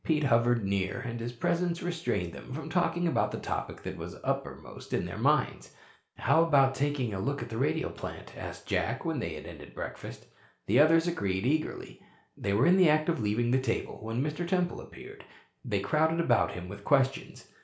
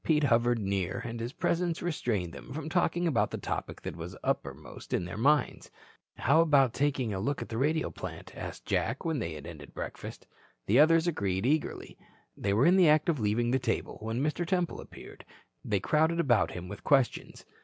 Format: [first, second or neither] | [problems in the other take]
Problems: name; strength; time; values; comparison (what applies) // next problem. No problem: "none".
second | room echo; dies away in 0.4 s